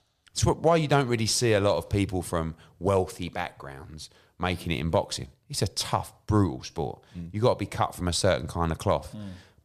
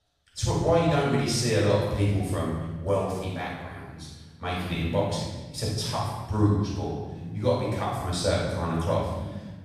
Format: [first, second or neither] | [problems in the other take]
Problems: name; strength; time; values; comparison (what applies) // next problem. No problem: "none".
first | off-mic speech; far // room echo; strong; dies away in 1.2 s